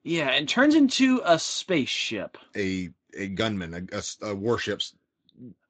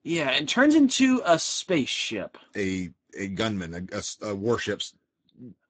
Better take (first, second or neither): first